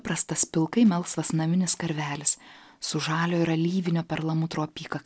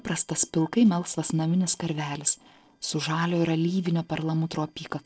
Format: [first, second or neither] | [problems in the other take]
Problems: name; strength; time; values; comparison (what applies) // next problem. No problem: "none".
first | noise reduction (neural separator model SepFormer DNS4)